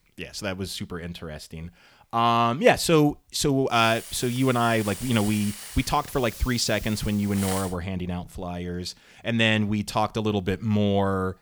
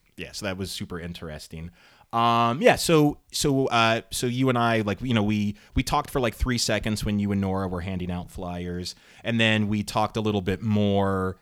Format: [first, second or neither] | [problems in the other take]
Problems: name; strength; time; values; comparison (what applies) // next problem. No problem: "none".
second | hiss; noticeable; from 4 to 7.5 s; 15 dB below the speech